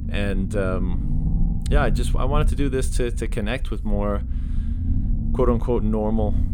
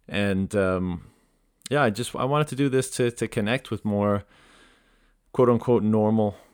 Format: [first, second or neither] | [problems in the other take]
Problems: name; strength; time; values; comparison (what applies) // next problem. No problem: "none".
second | low rumble; noticeable; throughout; 15 dB below the speech